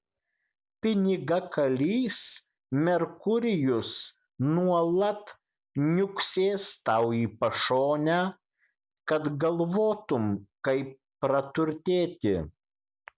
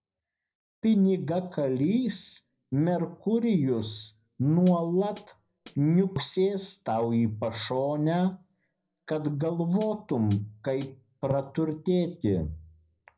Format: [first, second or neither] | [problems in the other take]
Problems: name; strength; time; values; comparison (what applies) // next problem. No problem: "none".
first | background sound (Hi-hat); 16 dB below the speech // room echo; dies away in 0.4 s